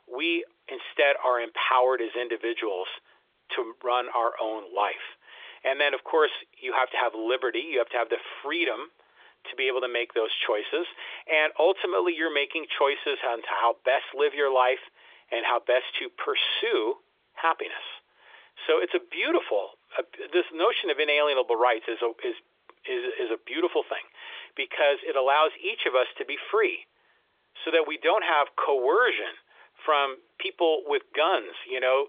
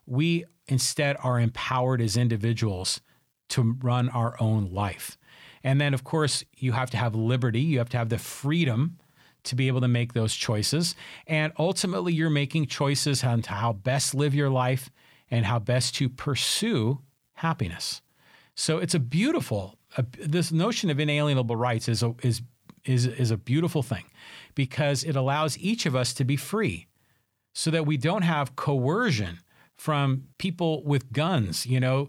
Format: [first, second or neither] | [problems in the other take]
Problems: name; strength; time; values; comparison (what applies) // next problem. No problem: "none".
second | phone-call audio; nothing above 3.5 kHz